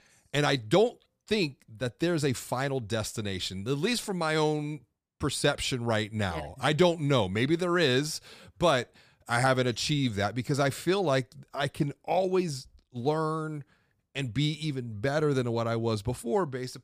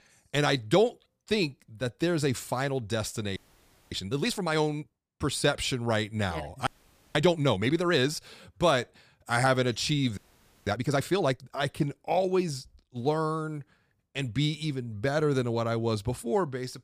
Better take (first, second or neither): first